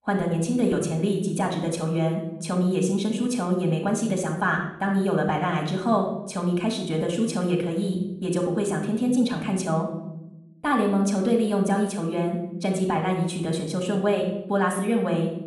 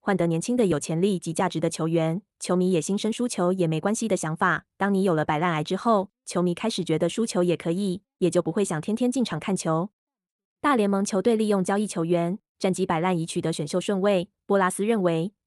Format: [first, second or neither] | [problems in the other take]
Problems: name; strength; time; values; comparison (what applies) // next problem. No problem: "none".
second | room echo; noticeable; dies away in 0.7 s // off-mic speech; somewhat distant